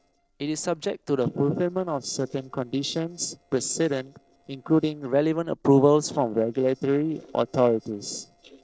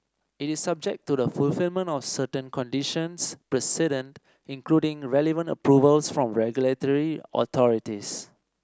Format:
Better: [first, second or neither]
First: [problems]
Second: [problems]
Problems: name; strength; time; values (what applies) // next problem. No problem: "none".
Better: second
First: noise reduction (neural separator model SepFormer DNS4)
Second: none